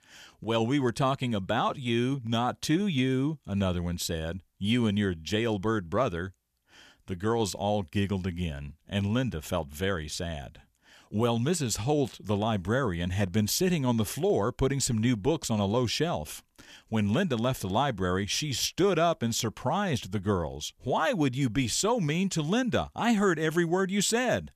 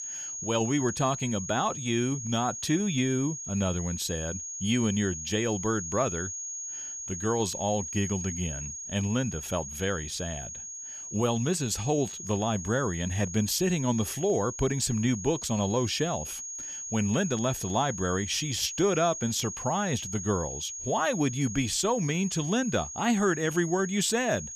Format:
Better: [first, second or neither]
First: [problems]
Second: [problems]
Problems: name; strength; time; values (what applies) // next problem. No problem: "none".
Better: first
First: none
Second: high-pitched whine; loud; throughout; 6.5 kHz, 7 dB below the speech